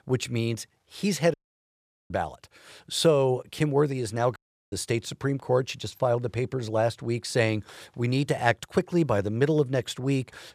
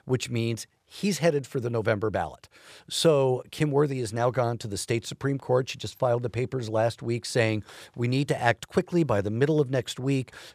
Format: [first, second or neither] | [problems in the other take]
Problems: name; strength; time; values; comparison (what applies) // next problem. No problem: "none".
second | audio cutting out; at 1.5 s for 1 s and at 4.5 s